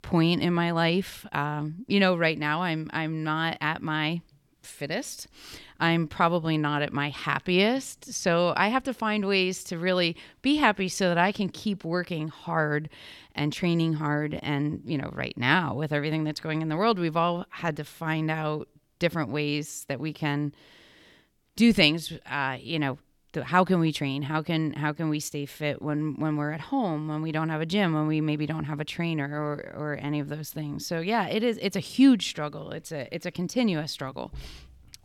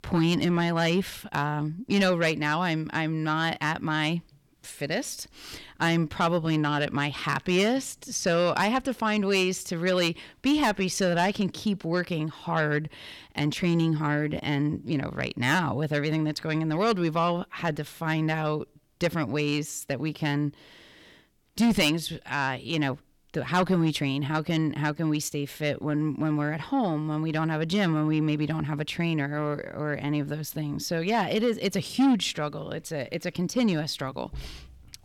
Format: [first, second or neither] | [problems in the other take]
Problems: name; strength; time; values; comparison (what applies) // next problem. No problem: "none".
first | distortion; slight; 10 dB below the speech